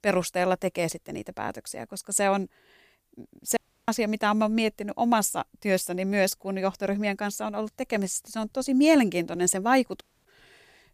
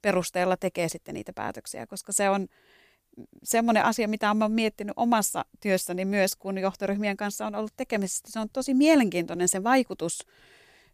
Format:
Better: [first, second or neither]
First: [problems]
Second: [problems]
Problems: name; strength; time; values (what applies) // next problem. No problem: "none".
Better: second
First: audio cutting out; at 3.5 s and at 10 s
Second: none